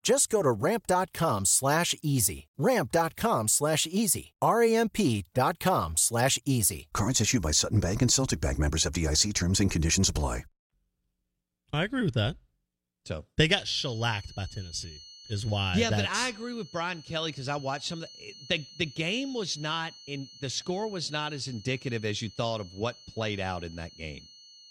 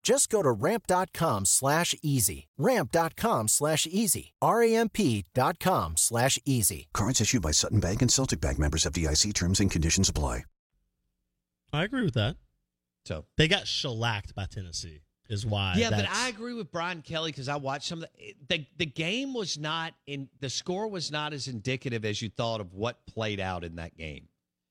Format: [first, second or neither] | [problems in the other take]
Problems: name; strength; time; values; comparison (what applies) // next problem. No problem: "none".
second | high-pitched whine; noticeable; from 14 s on; 4.5 kHz, 20 dB below the speech